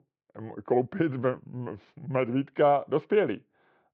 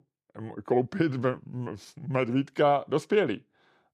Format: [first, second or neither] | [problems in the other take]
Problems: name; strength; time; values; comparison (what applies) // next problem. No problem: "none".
second | muffled; very; fading above 3 kHz